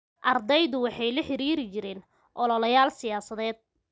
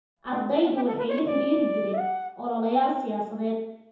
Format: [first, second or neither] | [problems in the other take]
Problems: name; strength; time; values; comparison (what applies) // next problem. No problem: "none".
first | background sound (Brass instrument); 4 dB below the speech // room echo; dies away in 1 s